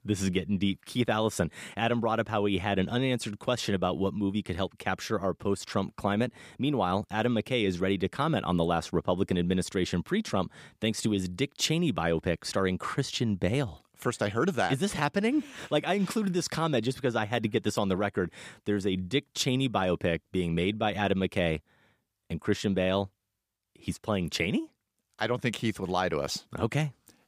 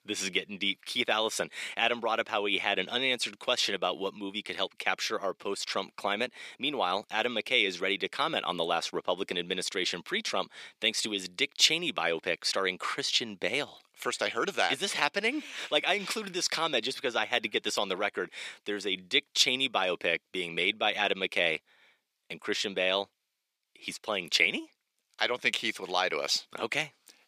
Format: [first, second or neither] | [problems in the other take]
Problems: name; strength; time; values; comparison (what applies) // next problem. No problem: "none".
first | thin; somewhat; fading below 400 Hz